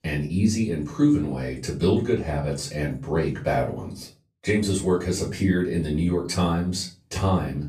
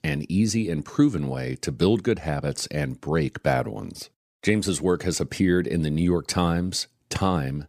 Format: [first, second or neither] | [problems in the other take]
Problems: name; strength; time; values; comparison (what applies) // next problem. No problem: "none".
second | room echo; slight; dies away in 0.3 s // off-mic speech; far